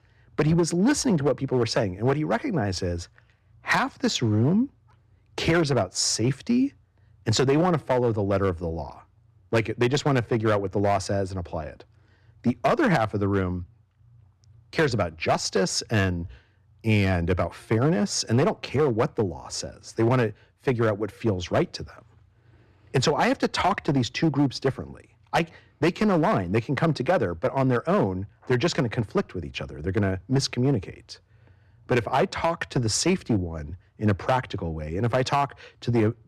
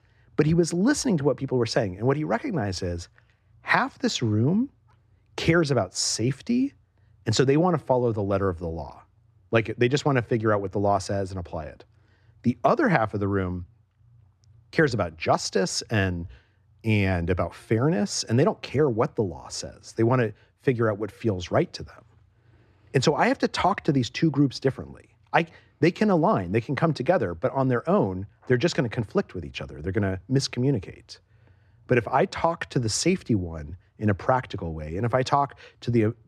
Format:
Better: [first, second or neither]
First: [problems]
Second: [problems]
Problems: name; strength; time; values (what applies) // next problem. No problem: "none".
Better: second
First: distortion; slight; 4% of the sound clipped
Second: none